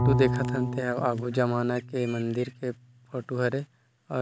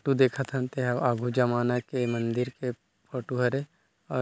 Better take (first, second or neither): second